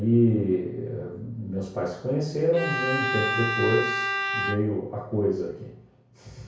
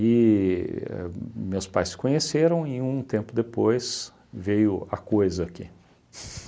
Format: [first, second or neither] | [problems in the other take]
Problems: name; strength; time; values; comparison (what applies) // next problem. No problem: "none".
second | background sound (Bowed string instrument); 2 dB below the speech // room echo; dies away in 0.6 s